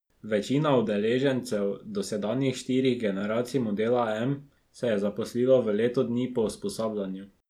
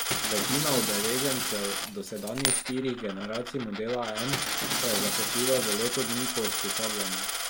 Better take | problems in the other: first | background sound (Shatter + Coin (dropping)); 2 dB above the speech

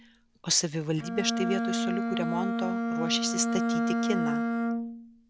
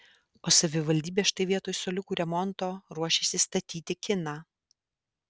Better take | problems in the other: second | background sound (Bowed string instrument); 3 dB above the speech

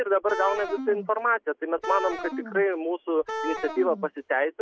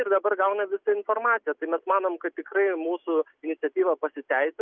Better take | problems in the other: second | background sound (Wind instrument, woodwind instrument); 8 dB below the speech

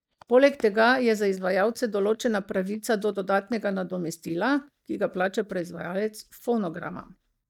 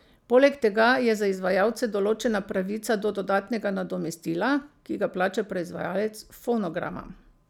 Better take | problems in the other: second | noise reduction (neural mask model DeepFilterNet 3)

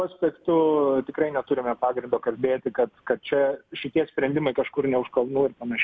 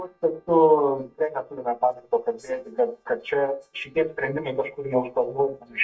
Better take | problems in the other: first | noise reduction (neural mask model DeepFilterNet 3)

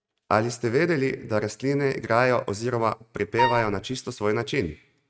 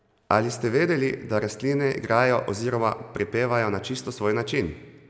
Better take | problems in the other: second | noise reduction (neural mask model RNNoise)

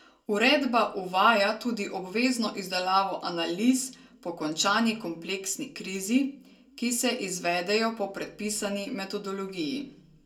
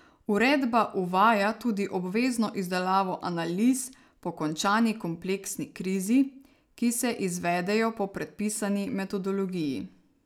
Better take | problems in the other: second | room echo; dies away in 0.2 s

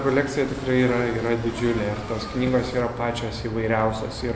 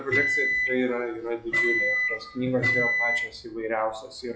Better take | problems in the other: first | noise reduction (classical method log-MMSE)

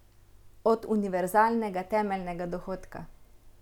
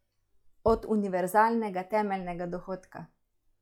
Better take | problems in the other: first | noise reduction (classical method log-MMSE)

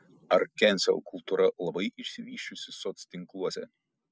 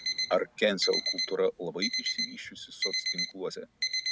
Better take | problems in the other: first | background sound (Alarm); 1 dB below the speech

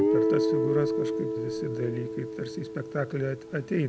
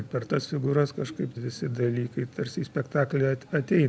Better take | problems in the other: second | background sound (Guitar); 3 dB above the speech

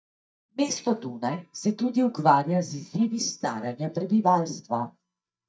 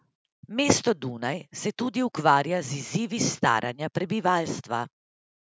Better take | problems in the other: second | noise reduction (neural mask model DeepFilterNet 3)

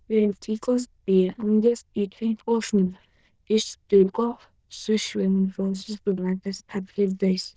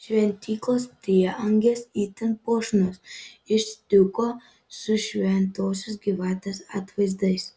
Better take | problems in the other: second | noise reduction (neural diffusion model UNIVERSE++)

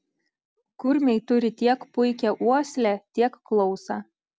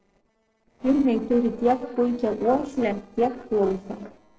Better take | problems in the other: first | noise reduction (neural separator model SepFormer DNS4)

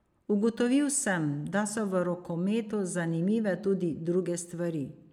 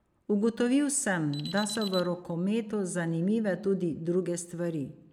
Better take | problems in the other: first | background sound (Alarm); 14 dB below the speech

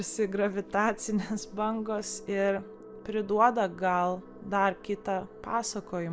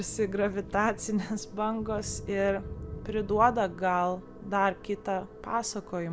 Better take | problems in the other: first | background sound (Thunder / Rain); 15 dB below the speech

